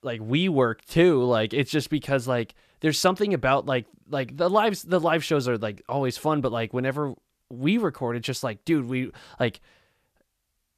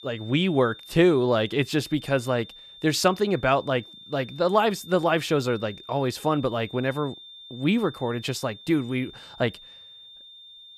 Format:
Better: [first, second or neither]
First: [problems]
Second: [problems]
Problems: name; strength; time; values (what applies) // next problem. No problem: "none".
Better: first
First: none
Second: high-pitched whine; noticeable; throughout; 3.5 kHz, 20 dB below the speech